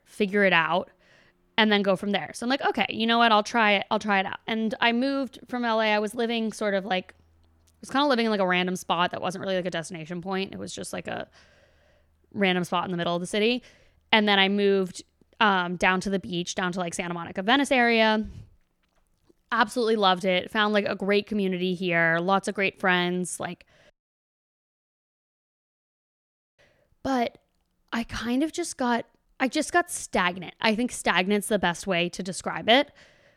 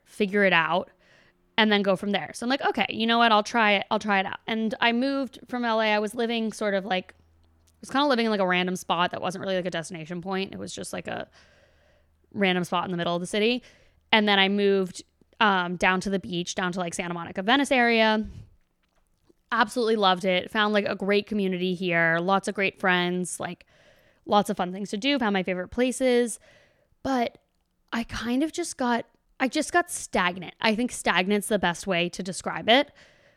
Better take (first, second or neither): second